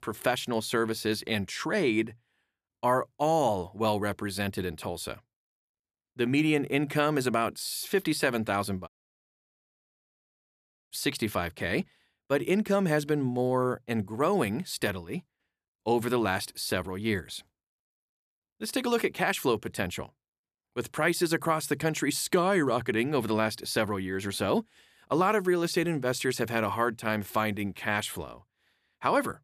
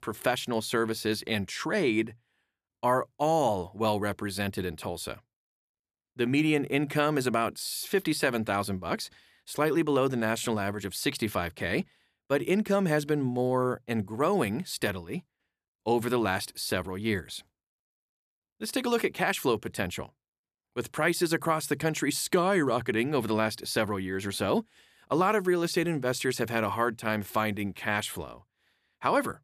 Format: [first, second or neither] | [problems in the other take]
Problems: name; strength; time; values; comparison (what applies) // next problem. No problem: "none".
second | audio cutting out; at 9 s for 2 s